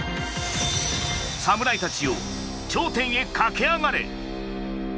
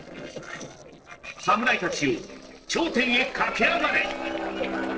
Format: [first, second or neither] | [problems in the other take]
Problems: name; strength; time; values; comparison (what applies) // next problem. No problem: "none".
first | noise reduction (neural separator model SepFormer DNS4)